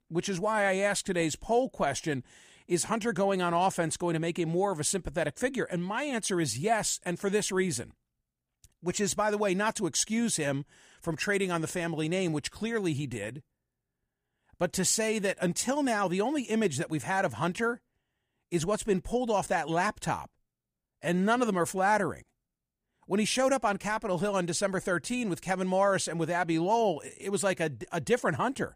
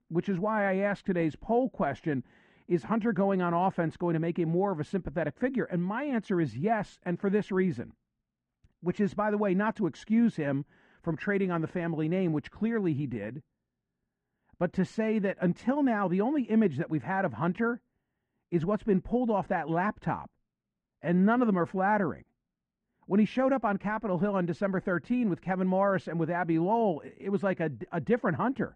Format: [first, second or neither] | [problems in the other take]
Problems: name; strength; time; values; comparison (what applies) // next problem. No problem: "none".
first | muffled; very; fading above 1.5 kHz